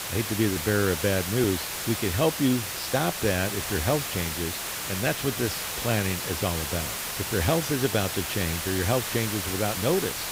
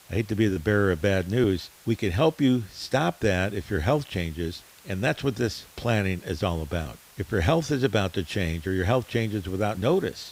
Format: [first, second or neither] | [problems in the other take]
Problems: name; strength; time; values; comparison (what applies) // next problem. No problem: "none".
second | hiss; loud; throughout; 2 dB below the speech; faint in the second